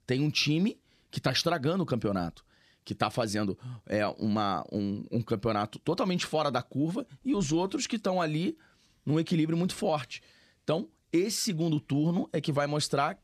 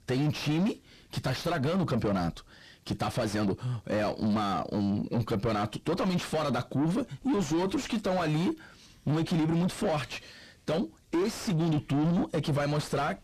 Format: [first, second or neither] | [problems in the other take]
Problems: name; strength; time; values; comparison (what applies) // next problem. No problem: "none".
first | distortion; heavy; 5 dB below the speech